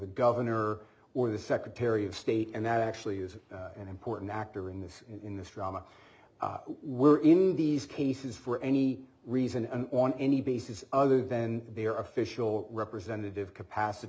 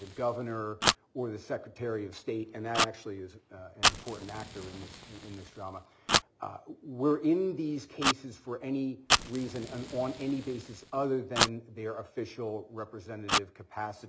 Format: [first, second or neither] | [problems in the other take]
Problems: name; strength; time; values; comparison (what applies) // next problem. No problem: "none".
first | background sound (Fire); as loud as the speech